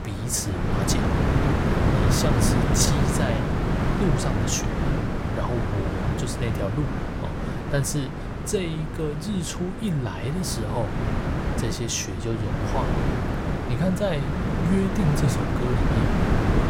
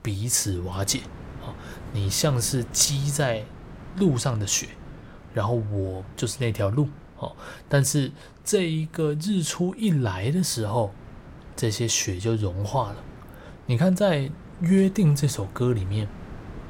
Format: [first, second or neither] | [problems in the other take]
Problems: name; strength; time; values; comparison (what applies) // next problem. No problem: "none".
second | wind noise on the microphone; heavy; 1 dB above the speech; occasional gusts in the second